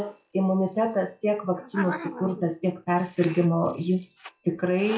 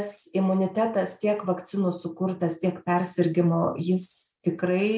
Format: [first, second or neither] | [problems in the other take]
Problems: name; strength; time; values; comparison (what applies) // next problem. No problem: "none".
second | noise reduction (classical method log-MMSE)